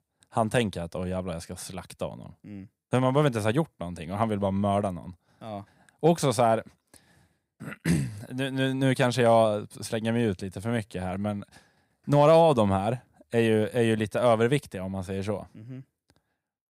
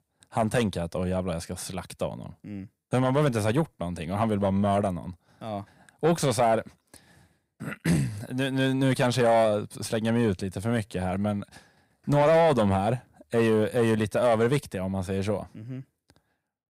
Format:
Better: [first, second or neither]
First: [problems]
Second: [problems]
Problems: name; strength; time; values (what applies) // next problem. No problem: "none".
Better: first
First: none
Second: distortion; slight; 10 dB below the speech